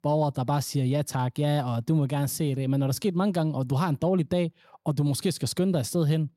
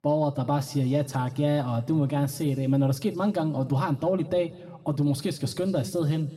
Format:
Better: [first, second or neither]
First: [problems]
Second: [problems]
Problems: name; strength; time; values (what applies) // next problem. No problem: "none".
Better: first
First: none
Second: room echo; slight; dies away in 1.4 s